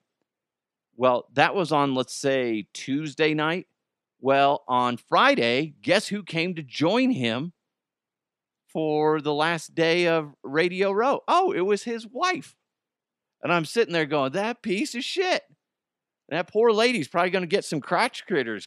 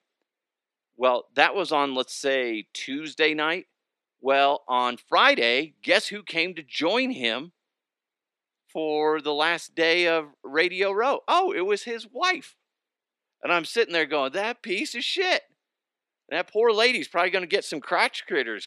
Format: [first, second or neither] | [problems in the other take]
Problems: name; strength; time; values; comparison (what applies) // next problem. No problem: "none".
first | thin; very slightly; fading below 350 Hz